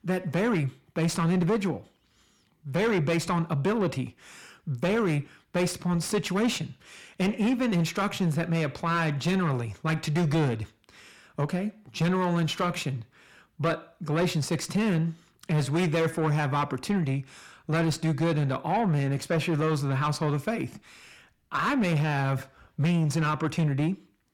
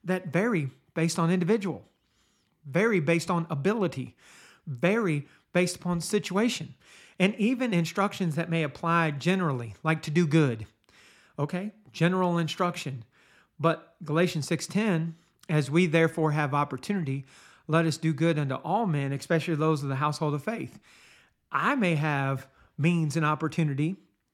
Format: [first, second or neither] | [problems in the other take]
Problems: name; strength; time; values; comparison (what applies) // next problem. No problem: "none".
second | distortion; heavy; 7 dB below the speech